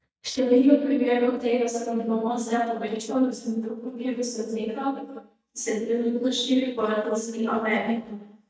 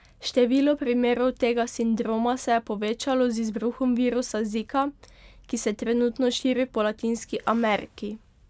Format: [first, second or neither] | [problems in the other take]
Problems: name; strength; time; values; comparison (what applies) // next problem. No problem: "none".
second | noise reduction (neural mask model DeepFilterNet 3)